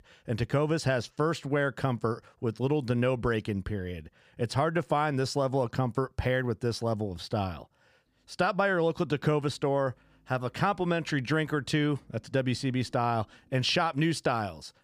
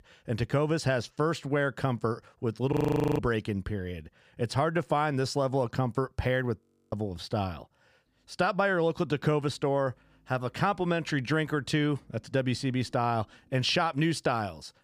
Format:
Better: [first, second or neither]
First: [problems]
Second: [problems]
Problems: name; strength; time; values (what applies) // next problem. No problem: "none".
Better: first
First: none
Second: audio freezing; at 2.5 s and at 6.5 s